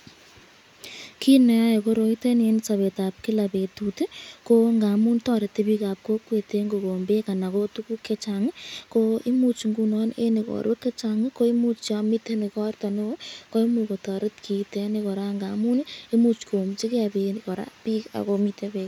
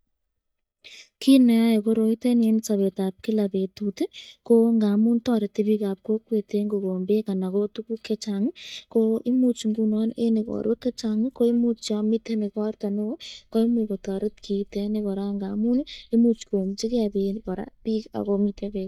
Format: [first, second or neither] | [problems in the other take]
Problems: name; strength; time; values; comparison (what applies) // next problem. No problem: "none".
first | noise reduction (neural mask model DeepFilterNet 3)